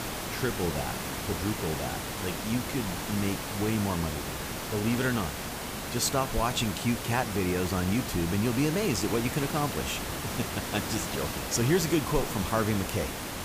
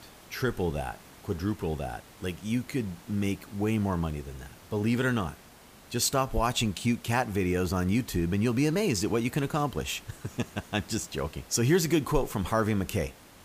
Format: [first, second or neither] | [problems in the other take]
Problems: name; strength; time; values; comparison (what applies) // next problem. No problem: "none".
second | hiss; loud; throughout; 3 dB below the speech; faint in the second